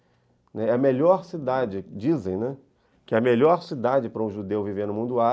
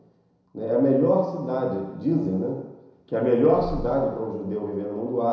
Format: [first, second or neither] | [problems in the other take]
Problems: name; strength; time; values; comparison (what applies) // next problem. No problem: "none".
first | background sound (Purr); 13 dB below the speech // room echo; dies away in 1 s